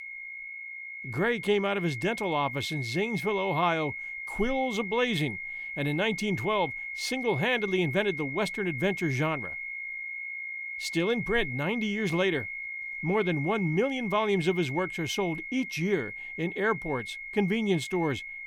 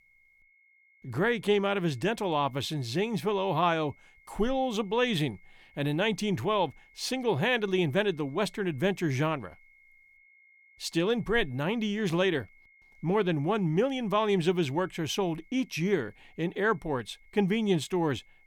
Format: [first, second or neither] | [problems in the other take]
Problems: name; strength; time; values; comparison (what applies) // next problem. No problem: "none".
second | high-pitched whine; loud; throughout; 2 kHz, 6 dB below the speech; faint in the second